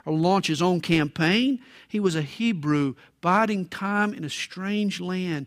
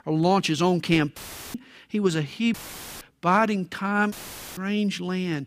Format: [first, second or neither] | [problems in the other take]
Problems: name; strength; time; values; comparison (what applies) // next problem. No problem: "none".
first | audio cutting out; filled with static; at 1 s, at 2.5 s and at 4 s